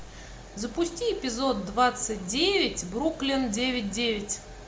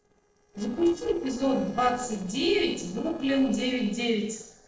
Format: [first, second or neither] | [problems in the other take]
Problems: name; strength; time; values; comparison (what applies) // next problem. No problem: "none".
first | noise reduction (neural separator model SepFormer DNS4)